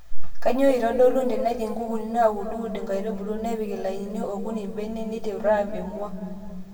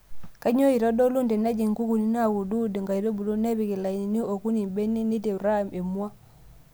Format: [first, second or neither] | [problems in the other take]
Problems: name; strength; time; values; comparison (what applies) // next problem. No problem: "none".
second | room echo; dies away in 1.9 s